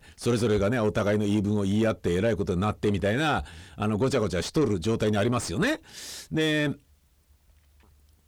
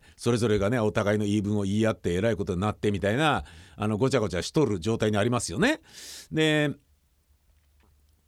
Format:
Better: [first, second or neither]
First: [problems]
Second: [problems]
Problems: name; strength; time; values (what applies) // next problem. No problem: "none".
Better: second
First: distortion; slight; 9 dB below the speech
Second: none